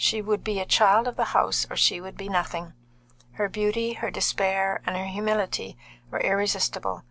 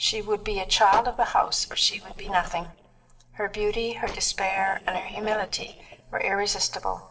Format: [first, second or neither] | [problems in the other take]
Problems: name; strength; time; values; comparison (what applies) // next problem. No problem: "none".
first | noise reduction (neural separator model SepFormer DNS4)